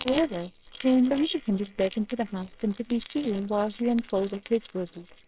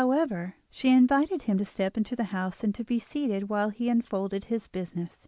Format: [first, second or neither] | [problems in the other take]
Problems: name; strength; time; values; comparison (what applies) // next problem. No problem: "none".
second | noise reduction (neural separator model SepFormer WHAMR!)